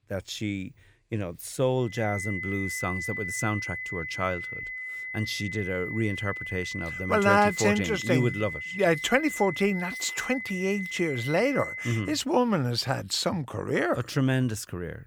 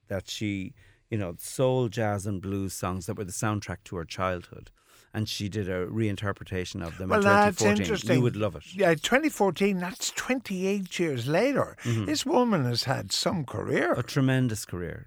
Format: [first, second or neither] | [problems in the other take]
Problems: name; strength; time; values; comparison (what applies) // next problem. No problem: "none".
second | high-pitched whine; loud; from 2 to 12 s; 2 kHz, 6 dB below the speech